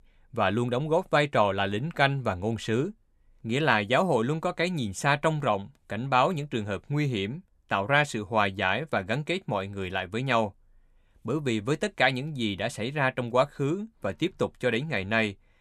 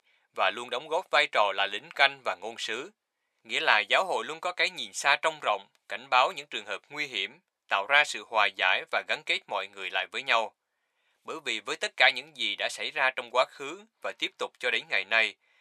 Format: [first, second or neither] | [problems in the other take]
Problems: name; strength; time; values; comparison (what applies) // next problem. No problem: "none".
first | thin; very; fading below 750 Hz